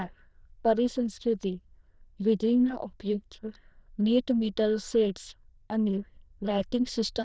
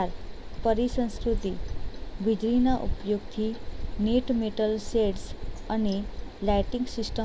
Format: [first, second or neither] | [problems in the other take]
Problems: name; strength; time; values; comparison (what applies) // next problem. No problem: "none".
second | noise reduction (neural diffusion model UNIVERSE++)